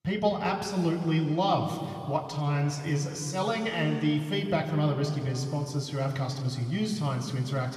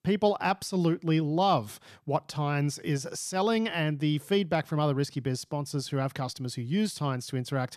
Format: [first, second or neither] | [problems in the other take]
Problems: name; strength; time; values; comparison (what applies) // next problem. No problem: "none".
second | room echo; noticeable; dies away in 2.3 s // off-mic speech; somewhat distant